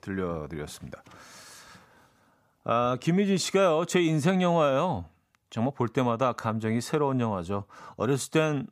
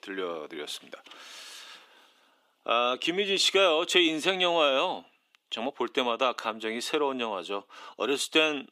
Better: first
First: none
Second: thin; somewhat; fading below 300 Hz

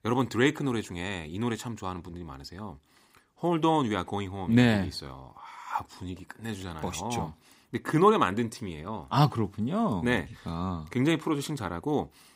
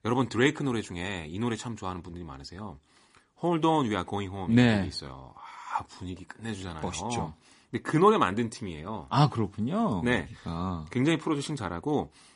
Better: first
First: none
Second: garbled, watery; slightly; nothing above 10.5 kHz

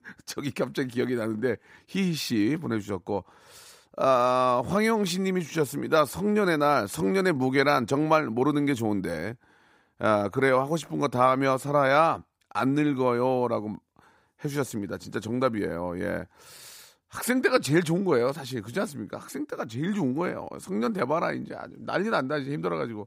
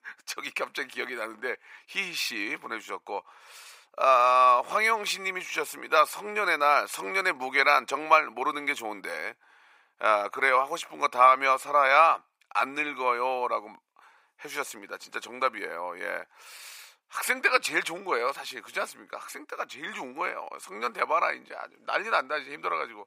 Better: first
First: none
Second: thin; very; fading below 750 Hz

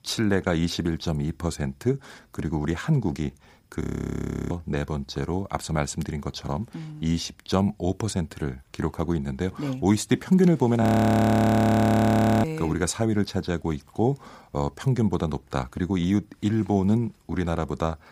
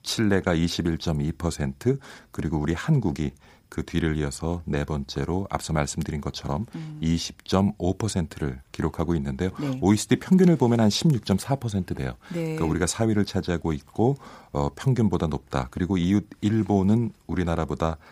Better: second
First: audio freezing; at 4 s for 0.5 s and at 11 s for 1.5 s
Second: none

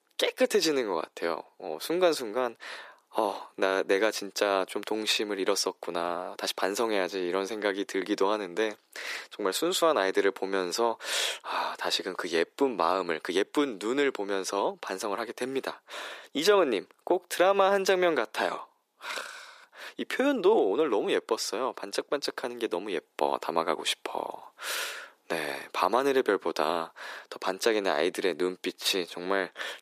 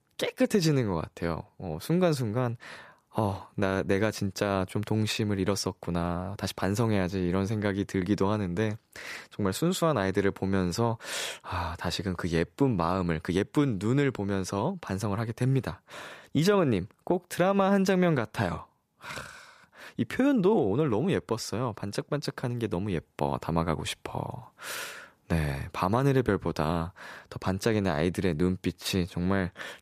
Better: second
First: thin; somewhat; fading below 350 Hz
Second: none

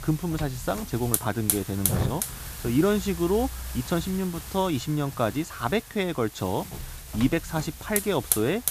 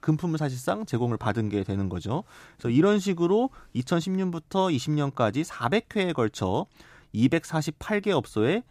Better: second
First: hiss; loud; throughout; 4 dB below the speech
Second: none

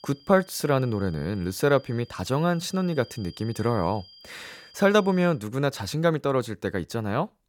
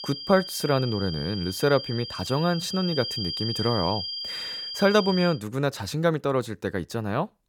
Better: first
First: high-pitched whine; faint; until 5.5 s; 5 kHz, 25 dB below the speech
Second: high-pitched whine; loud; until 5.5 s; 5 kHz, 6 dB below the speech

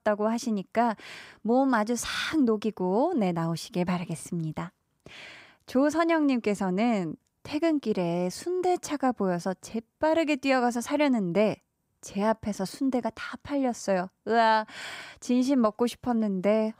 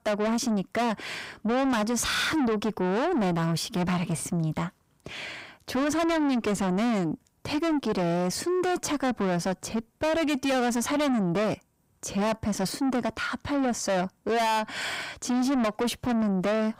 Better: first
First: none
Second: distortion; heavy; 6 dB below the speech

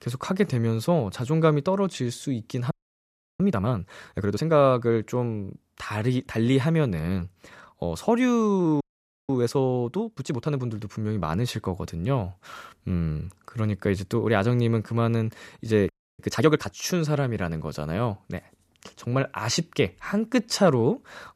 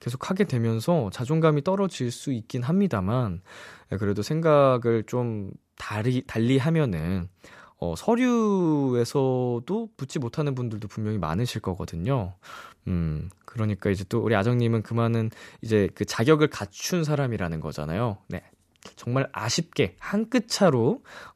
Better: second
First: audio freezing; at 2.5 s for 0.5 s, at 9 s and at 16 s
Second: none

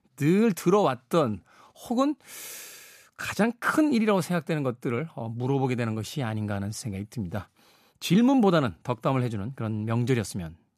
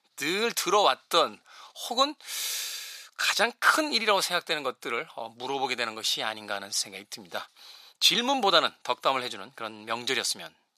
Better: first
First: none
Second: thin; very; fading below 700 Hz

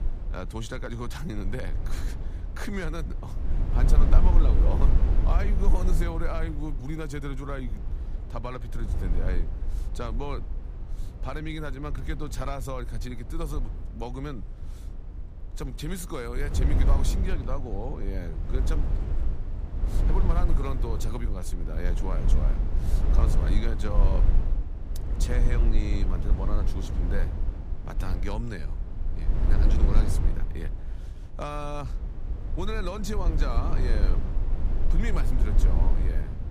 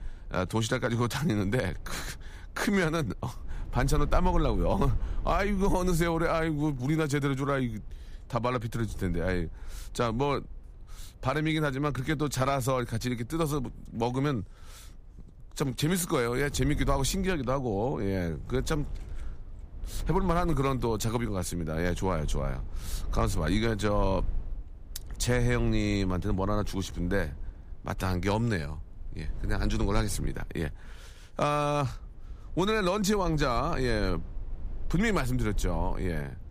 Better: second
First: low rumble; loud; throughout; 6 dB below the speech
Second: low rumble; faint; throughout; 25 dB below the speech

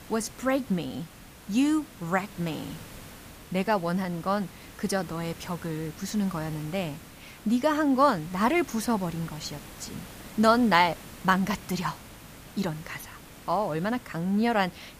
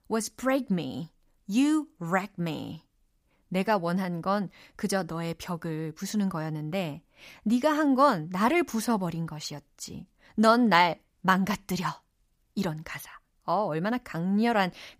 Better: second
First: hiss; noticeable; throughout; 20 dB below the speech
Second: none

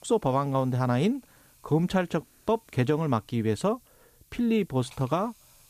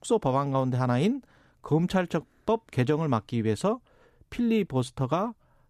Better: second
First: hiss; faint; throughout; 30 dB below the speech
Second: none

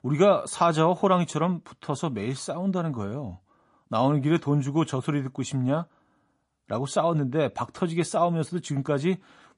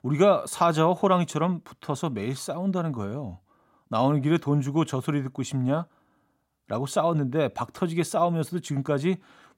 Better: second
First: garbled, watery; slightly; nothing above 10.5 kHz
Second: none

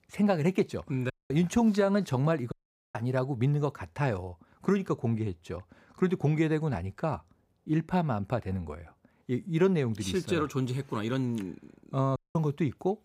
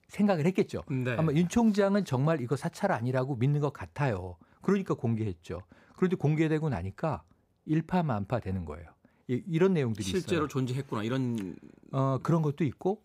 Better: second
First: audio cutting out; at 1 s, at 2.5 s and at 12 s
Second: none

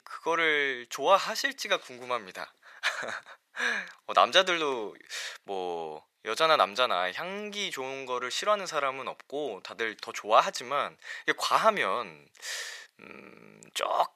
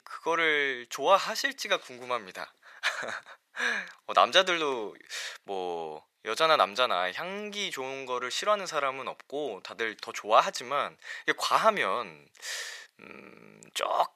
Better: neither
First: thin; very; fading below 700 Hz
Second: thin; very; fading below 700 Hz

